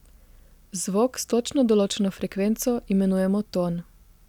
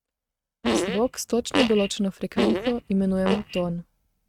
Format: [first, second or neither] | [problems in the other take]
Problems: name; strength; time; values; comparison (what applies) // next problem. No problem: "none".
first | noise reduction (neural mask model RNNoise)